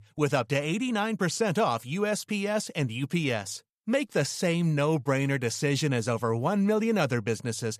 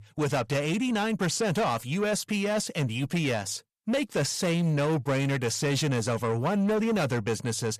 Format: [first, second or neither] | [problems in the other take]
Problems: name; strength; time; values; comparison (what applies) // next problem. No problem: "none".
first | distortion; slight; 10 dB below the speech